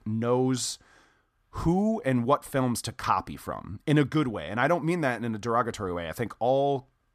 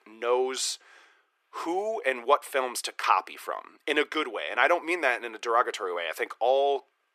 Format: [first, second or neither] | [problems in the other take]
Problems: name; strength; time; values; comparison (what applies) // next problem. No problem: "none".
first | thin; very; fading below 350 Hz